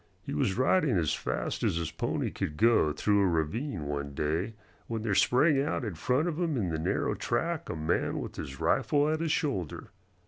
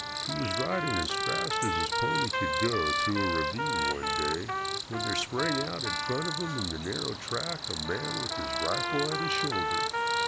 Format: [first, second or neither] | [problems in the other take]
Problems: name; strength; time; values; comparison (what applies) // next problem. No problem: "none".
first | background sound (Trumpet + Cricket); 3 dB above the speech